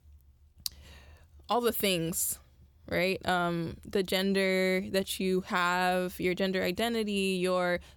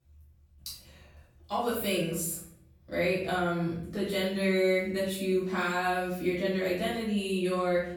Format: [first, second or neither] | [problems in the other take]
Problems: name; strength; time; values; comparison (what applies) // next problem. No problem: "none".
first | off-mic speech; far // room echo; noticeable; dies away in 0.6 s